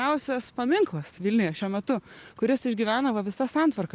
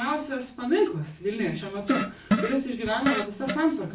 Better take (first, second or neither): first